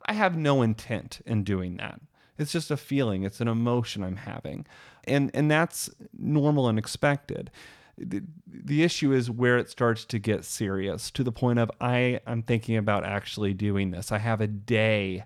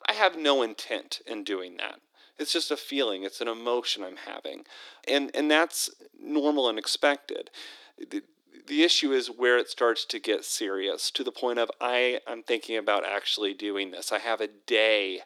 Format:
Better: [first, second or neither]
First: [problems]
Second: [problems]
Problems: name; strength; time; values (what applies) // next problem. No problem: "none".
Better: first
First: none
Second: thin; somewhat; fading below 300 Hz